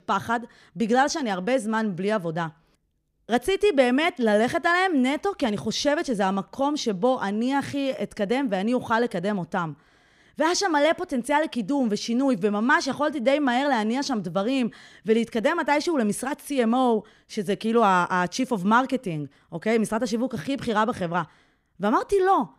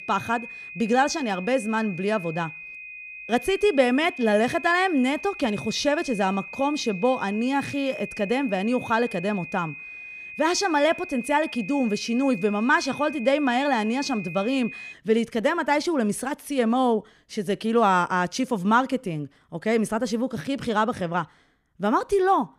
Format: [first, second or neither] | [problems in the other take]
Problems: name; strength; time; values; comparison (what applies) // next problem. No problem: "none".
first | high-pitched whine; noticeable; until 15 s; 2.5 kHz, 10 dB below the speech